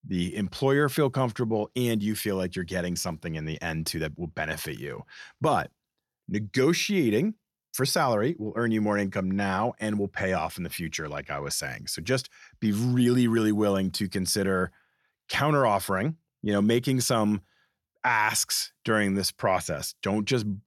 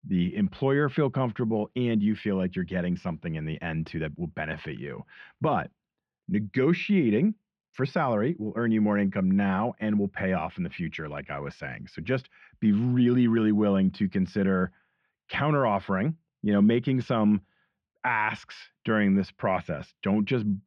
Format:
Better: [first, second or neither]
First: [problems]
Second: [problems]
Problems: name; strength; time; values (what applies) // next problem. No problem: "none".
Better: first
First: none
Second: muffled; very; fading above 3 kHz